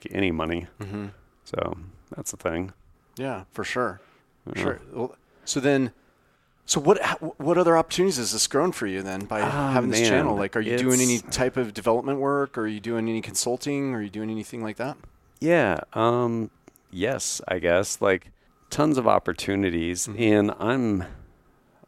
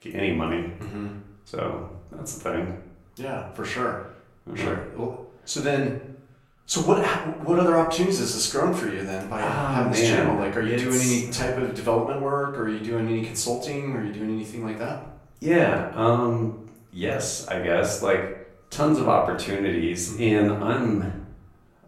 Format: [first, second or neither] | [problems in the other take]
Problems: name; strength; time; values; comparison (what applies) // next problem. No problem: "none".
first | room echo; slight; dies away in 0.5 s // off-mic speech; far